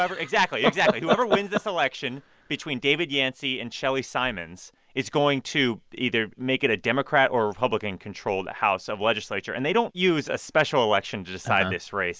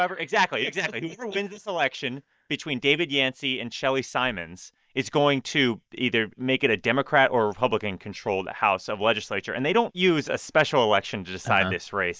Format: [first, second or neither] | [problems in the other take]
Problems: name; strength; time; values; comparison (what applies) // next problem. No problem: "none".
first | noise reduction (neural mask model DeepFilterNet 3)